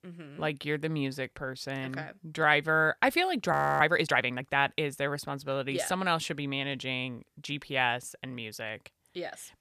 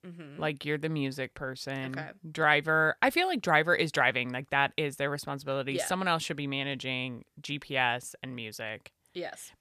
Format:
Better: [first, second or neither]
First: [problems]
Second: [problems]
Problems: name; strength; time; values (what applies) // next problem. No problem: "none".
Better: second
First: audio freezing; at 3.5 s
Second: none